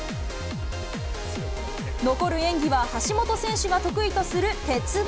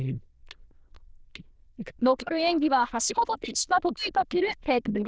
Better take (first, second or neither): first